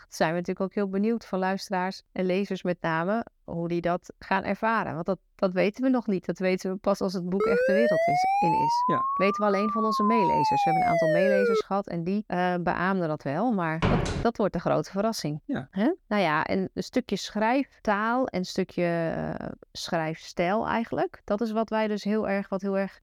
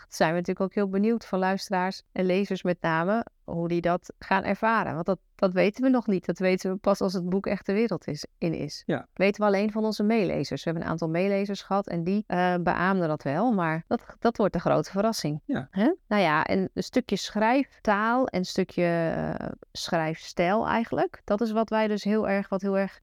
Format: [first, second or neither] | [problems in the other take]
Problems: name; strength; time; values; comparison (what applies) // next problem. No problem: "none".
second | siren; loud; from 7.5 to 12 s; peak 5 dB above the speech // door banging; loud; at 14 s; peak 2 dB above the speech